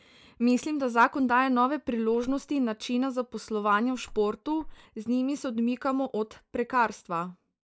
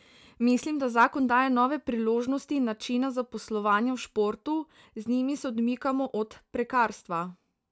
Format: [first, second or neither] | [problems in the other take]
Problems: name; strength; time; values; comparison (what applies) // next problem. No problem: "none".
second | noise reduction (neural mask model Resemble Enhance denoiser)